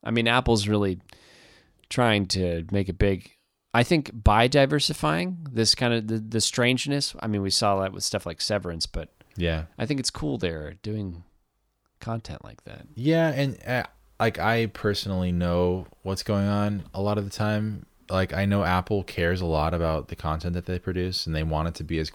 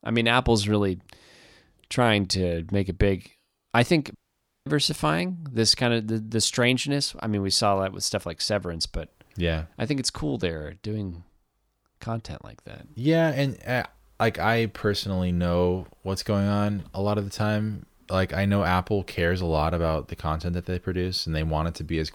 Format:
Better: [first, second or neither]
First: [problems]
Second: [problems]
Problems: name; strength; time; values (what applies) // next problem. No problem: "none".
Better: first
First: none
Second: audio cutting out; at 4 s for 0.5 s